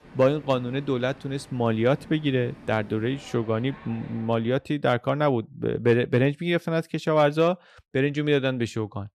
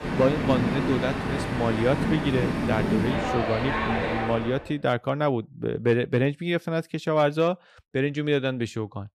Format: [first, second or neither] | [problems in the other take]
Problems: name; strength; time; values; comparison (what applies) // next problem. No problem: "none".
first | train or aircraft noise; loud; until 4.5 s; 1 dB below the speech; faint in the first